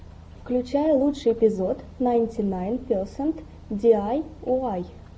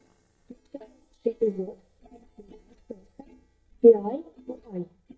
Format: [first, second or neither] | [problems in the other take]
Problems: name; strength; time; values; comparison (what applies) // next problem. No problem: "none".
first | noise reduction (neural mask model DeepFilterNet 3)